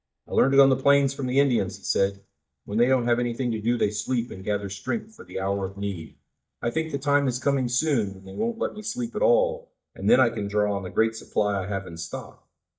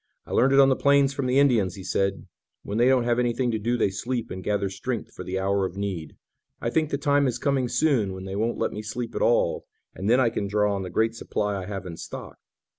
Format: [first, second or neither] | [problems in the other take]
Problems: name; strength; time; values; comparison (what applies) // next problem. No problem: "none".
second | noise reduction (neural mask model DeepFilterNet 3)